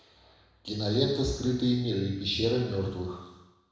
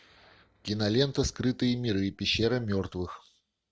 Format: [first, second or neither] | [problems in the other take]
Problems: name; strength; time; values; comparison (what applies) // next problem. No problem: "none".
second | room echo; dies away in 1 s